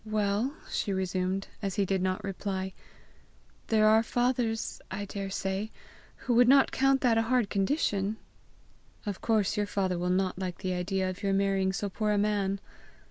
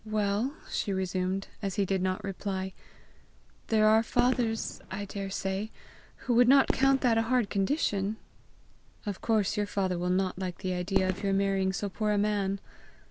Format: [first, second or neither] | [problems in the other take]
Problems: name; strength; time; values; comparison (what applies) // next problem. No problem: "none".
first | background sound (Fireworks); 9 dB below the speech